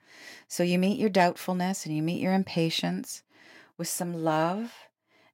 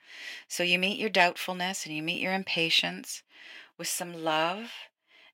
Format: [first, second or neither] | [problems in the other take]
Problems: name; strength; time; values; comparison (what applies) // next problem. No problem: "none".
first | thin; somewhat; fading below 450 Hz